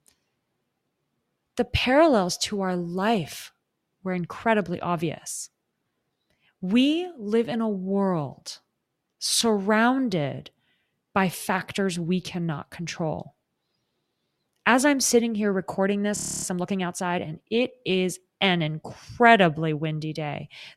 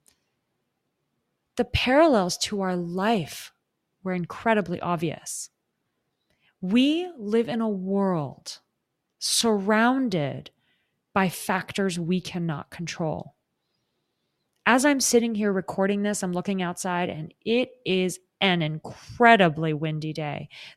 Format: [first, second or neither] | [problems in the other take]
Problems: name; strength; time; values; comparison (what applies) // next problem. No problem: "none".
second | audio freezing; at 16 s